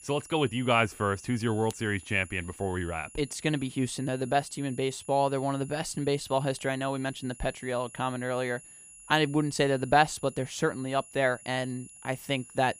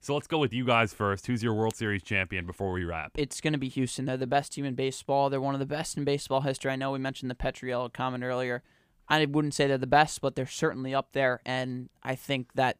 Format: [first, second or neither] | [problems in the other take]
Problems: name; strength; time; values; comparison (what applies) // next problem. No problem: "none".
second | high-pitched whine; noticeable; throughout; 10.5 kHz, 20 dB below the speech